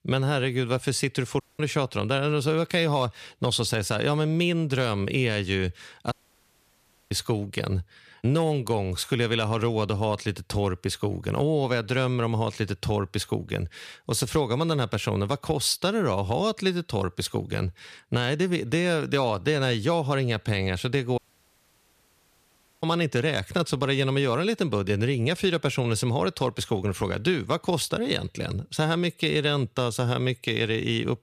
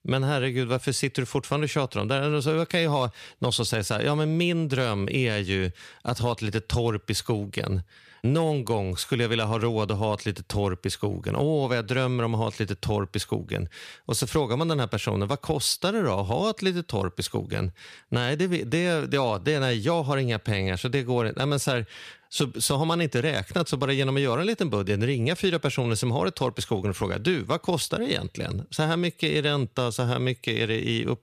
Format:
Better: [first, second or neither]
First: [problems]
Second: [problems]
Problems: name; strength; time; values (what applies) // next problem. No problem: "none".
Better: second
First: audio cutting out; at 1.5 s, at 6 s for 1 s and at 21 s for 1.5 s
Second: none